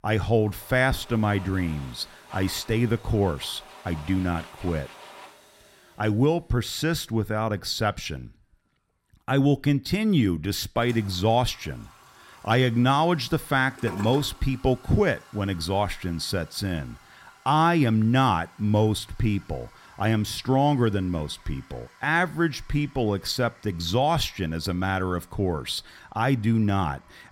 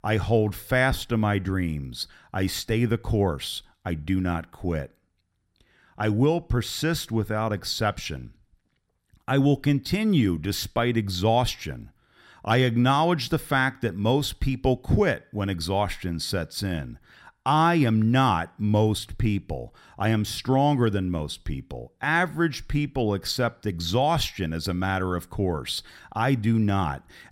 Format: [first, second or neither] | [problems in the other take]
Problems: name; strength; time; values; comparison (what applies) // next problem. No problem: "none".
second | household noises; faint; throughout; 25 dB below the speech